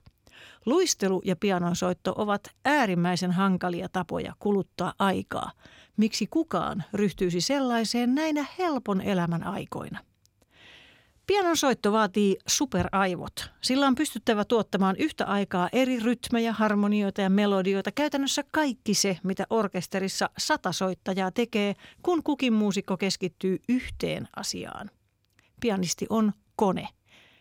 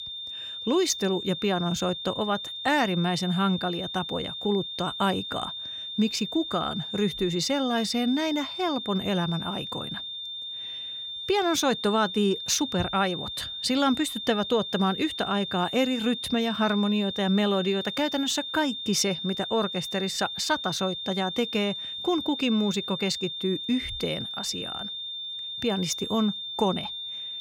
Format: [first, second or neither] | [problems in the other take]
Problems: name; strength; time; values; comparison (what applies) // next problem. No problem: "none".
first | high-pitched whine; loud; throughout; 3.5 kHz, 6 dB below the speech